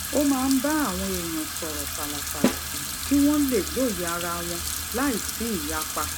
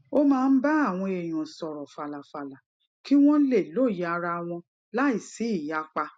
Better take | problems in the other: second | background sound (Snare drum + Sink (filling or washing) / Water tap, faucet); 3 dB below the speech

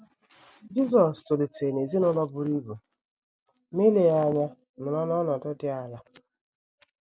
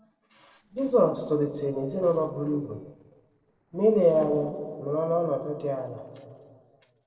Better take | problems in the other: first | noise reduction (neural separator model SepFormer DNS4)

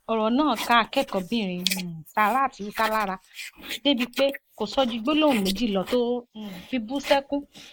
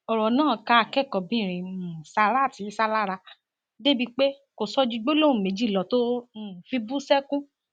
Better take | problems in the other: second | noise reduction (neural mask model Resemble Enhance denoiser)

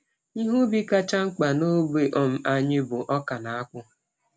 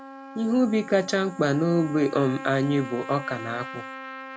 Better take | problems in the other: first | background sound (Trumpet); 14 dB below the speech

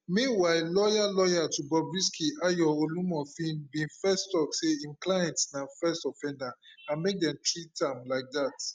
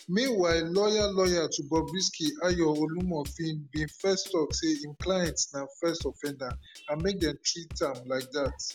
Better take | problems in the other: first | background sound (Bass drum / Drum kit); 15 dB below the speech

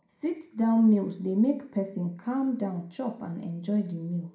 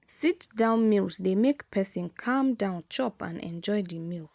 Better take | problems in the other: second | room echo; dies away in 0.4 s

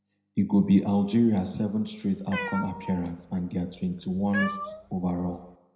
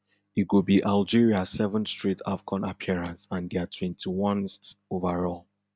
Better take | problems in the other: second | background sound (Cat); 11 dB below the speech // room echo; dies away in 0.7 s

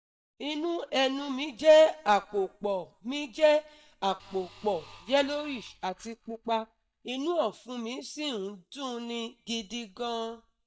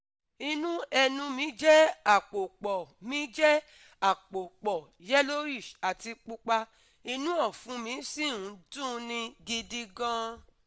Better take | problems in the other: second | noise reduction (neural mask model DeepFilterNet 3)

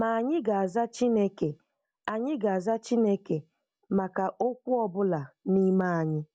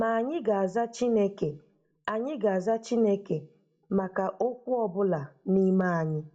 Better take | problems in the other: first | room echo; dies away in 0.2 s

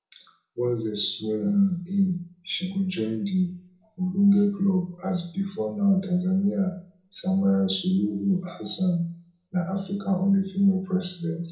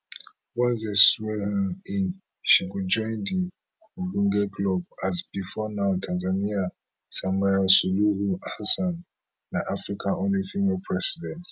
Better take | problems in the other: second | room echo; dies away in 0.6 s

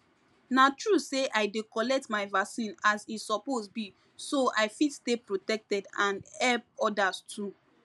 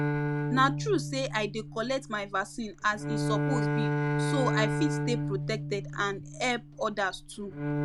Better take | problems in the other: first | background sound (Bowed string instrument); as loud as the speech

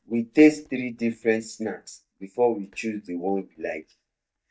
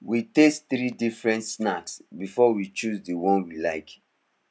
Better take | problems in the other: second | noise reduction (neural mask model DeepFilterNet 3)

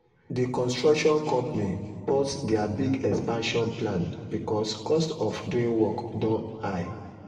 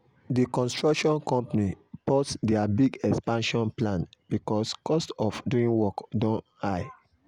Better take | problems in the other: second | room echo; dies away in 2 s

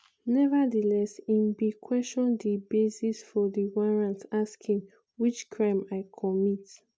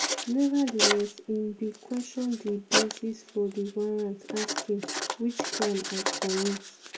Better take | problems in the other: first | background sound (Writing); 2 dB below the speech // room echo; dies away in 0.2 s

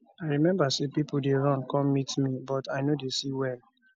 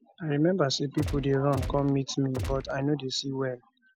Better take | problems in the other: first | background sound (Gunshot, gunfire); 7 dB below the speech

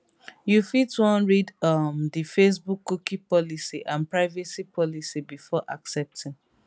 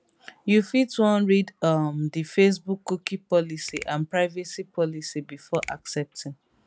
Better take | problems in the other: first | background sound (Finger snapping); 19 dB below the speech

